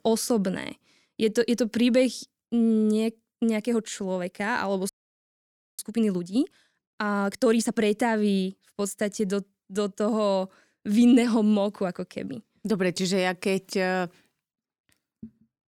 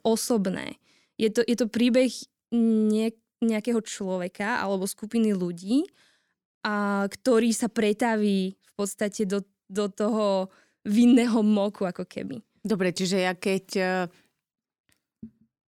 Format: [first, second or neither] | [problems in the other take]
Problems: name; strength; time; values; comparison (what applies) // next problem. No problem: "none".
second | audio freezing; at 5 s for 1 s